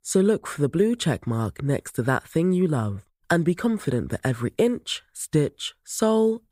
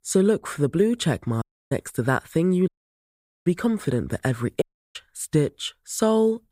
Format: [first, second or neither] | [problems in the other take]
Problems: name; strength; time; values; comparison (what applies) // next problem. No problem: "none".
first | audio cutting out; at 1.5 s, at 2.5 s for 1 s and at 4.5 s